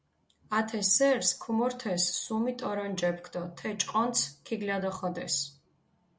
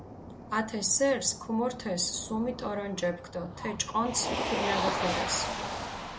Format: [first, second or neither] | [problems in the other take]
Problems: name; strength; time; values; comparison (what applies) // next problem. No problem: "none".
first | background sound (Motor vehicle (road)); 4 dB below the speech